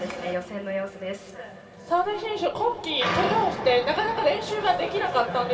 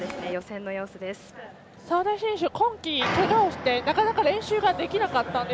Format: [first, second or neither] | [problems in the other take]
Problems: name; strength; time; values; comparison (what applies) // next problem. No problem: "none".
second | room echo; dies away in 2.5 s